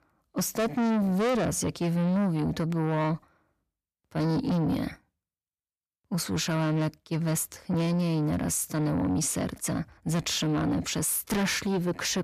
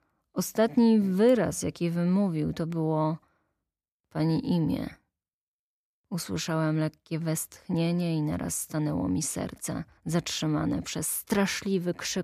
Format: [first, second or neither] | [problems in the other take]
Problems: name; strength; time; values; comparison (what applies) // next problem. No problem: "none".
second | distortion; heavy; 7 dB below the speech